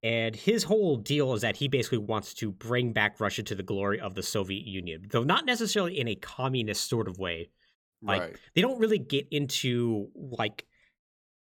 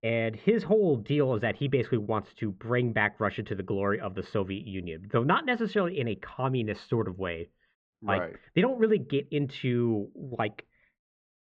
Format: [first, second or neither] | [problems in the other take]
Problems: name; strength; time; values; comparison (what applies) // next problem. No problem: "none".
first | muffled; very; fading above 2 kHz